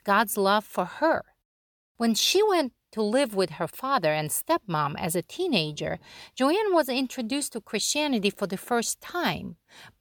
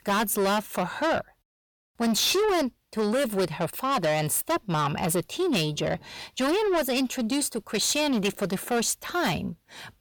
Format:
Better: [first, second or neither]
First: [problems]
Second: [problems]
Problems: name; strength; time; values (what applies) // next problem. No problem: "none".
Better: first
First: none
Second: distortion; heavy; 7 dB below the speech